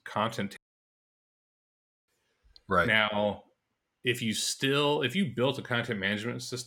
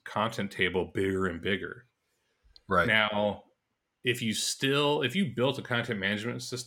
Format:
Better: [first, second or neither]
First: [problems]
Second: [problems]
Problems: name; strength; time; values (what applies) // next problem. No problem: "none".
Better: second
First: audio cutting out; at 0.5 s for 1.5 s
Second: none